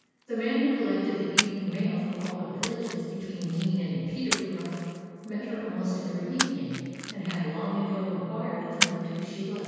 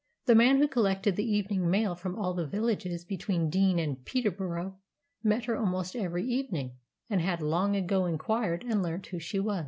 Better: second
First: background sound (Splash, splatter); 6 dB below the speech // room echo; dies away in 2.1 s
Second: none

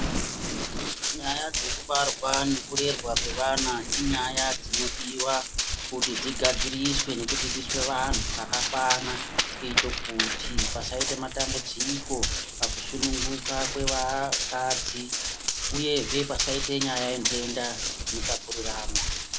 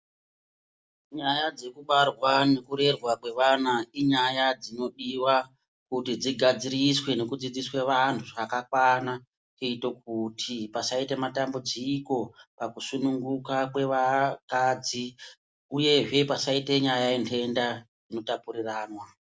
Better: second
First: background sound (Run); 2 dB above the speech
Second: none

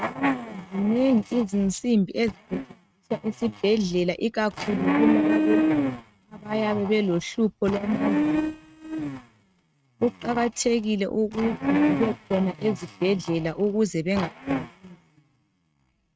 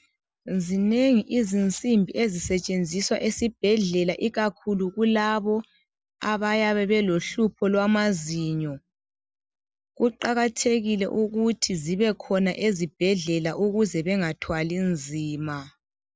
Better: second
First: noise reduction (neural mask model RNNoise)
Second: none

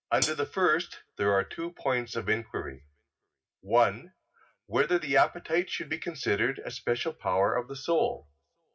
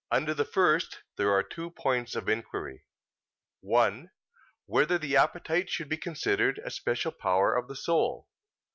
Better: second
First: background sound (Hi-hat); 4 dB below the speech // room echo; dies away in 0.4 s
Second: none

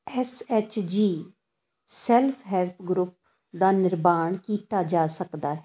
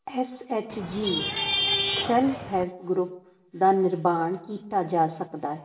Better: first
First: none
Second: background sound (Traffic noise, roadway noise / Vehicle horn, car horn, honking); 1 dB below the speech // room echo; dies away in 0.8 s

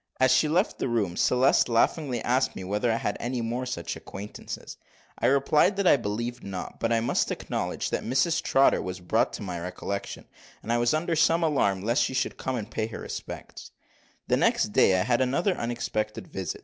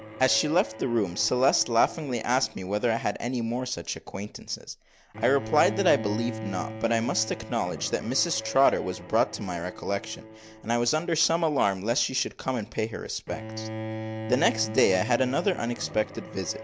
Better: first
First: none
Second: background sound (Bowed string instrument); 12 dB below the speech

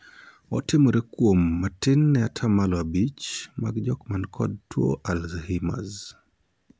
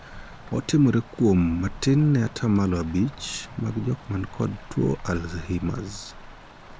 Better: first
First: none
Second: background sound (Rain + Cricket / Motor vehicle (road)); 16 dB below the speech

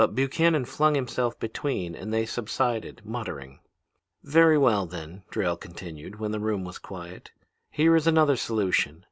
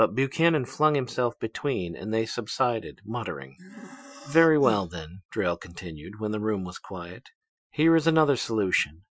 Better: first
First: none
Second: noise reduction (classical method Wiener filter)

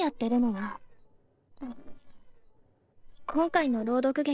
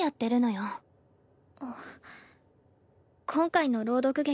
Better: second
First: noise reduction (neural separator model SepFormer DNS4)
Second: none

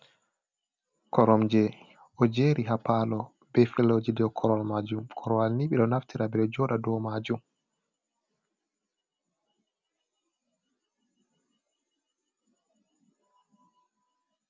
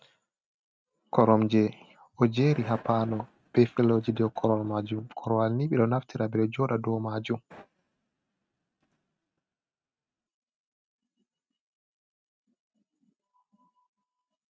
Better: first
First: none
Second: noise reduction (neural mask model RNNoise)

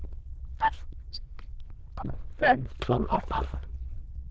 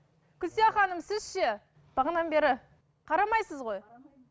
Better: second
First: noise reduction (neural diffusion model UNIVERSE++)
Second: none

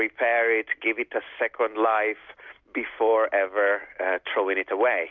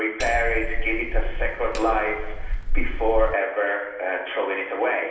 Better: first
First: none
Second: background sound (Hammer); 1 dB above the speech // room echo; dies away in 0.9 s

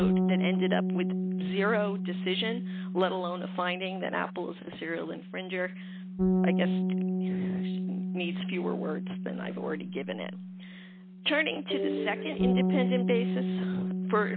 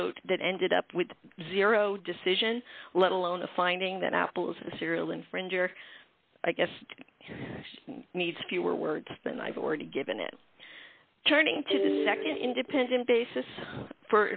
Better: second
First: background sound (Bass guitar); 2 dB above the speech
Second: none

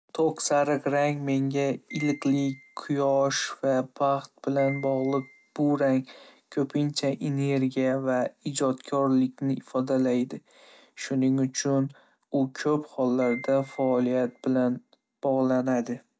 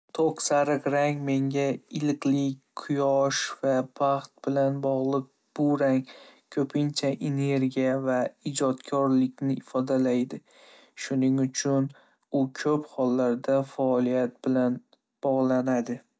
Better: second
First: background sound (Piano); 20 dB below the speech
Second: none

